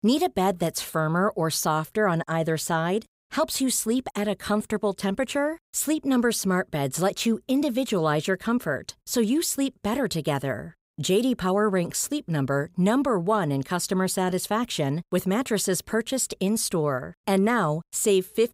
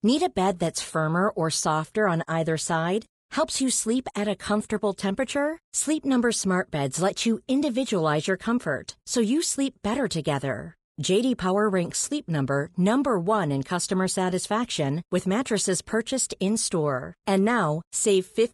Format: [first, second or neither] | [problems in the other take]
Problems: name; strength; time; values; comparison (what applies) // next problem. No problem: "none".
first | garbled, watery; slightly; nothing above 10.5 kHz